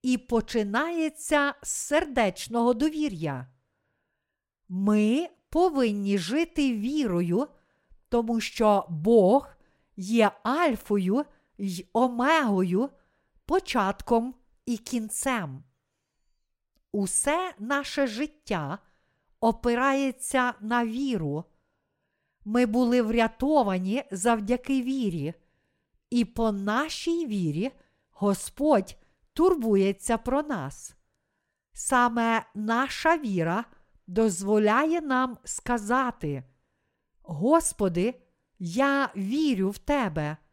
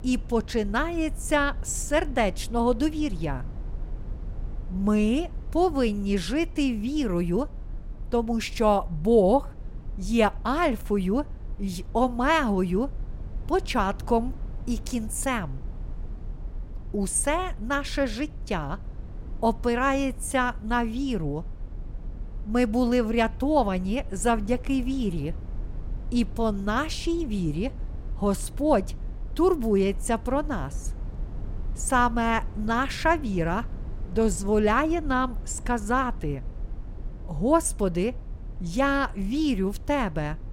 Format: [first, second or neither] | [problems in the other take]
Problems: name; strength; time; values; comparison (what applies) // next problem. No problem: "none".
first | low rumble; faint; throughout; 25 dB below the speech